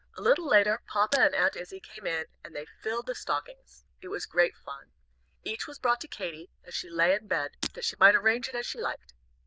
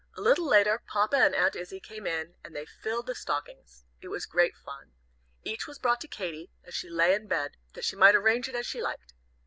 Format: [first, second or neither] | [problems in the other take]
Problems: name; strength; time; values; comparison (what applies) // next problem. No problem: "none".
second | noise reduction (neural diffusion model UNIVERSE++)